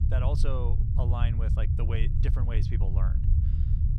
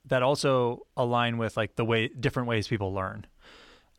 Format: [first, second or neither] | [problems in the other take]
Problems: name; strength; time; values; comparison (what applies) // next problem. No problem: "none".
second | low rumble; loud; throughout; 3 dB below the speech